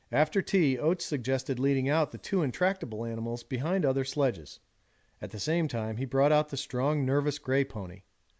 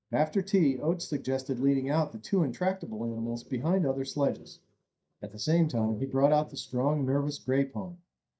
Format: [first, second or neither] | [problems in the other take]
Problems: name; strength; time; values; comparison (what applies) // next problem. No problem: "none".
first | noise reduction (neural mask model DeepFilterNet 3)